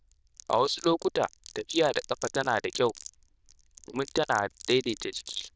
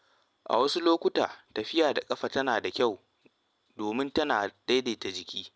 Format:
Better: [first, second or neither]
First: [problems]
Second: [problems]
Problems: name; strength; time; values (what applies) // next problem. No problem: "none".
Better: second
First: noise reduction (neural diffusion model UNIVERSE++)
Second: none